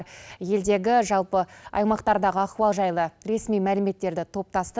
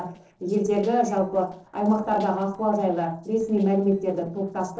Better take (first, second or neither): first